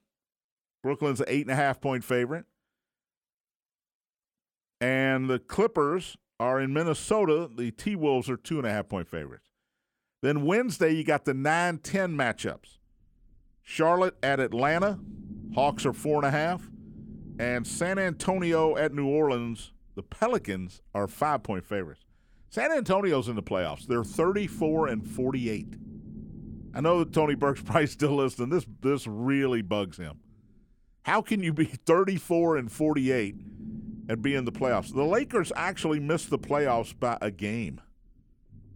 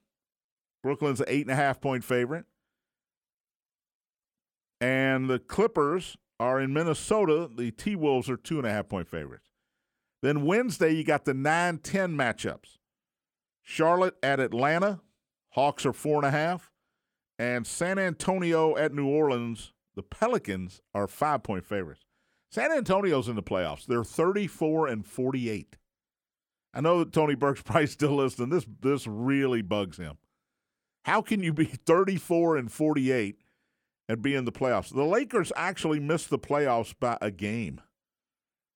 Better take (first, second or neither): second